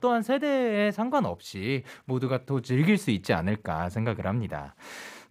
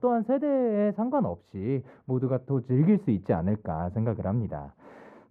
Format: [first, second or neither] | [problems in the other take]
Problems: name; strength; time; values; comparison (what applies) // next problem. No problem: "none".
first | muffled; very; fading above 2 kHz